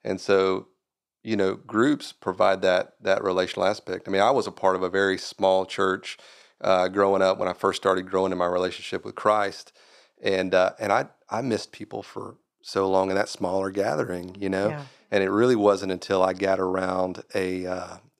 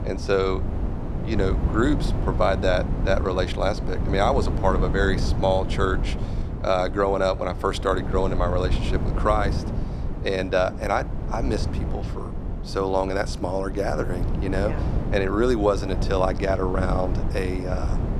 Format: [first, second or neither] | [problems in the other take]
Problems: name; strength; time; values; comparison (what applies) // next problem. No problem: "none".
first | wind noise on the microphone; occasional gusts; 10 dB below the speech